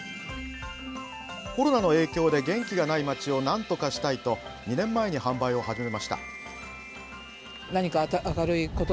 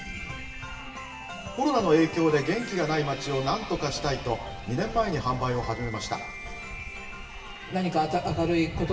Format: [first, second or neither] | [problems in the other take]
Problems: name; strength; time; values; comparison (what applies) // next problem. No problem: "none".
first | background sound (Wind); 14 dB below the speech // room echo; dies away in 1 s